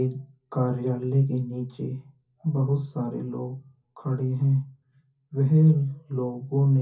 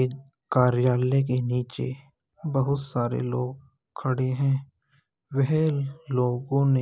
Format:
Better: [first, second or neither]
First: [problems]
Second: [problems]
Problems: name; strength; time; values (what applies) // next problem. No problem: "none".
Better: second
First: room echo; dies away in 0.3 s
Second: none